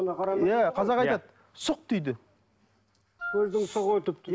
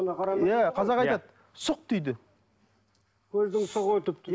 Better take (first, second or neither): second